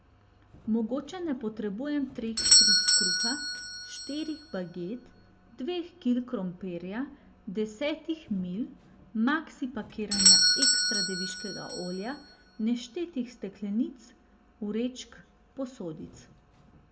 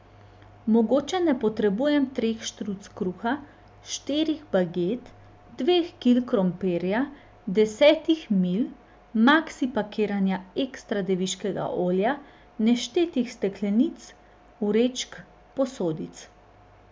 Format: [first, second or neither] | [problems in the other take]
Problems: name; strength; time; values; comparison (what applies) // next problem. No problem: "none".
second | background sound (Doorbell); 4 dB above the speech // room echo; dies away in 0.8 s